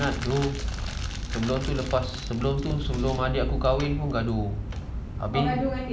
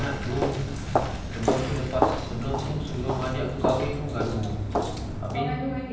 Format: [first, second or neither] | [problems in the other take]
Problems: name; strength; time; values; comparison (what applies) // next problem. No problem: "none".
first | background sound (Walk, footsteps); as loud as the speech // room echo; dies away in 0.9 s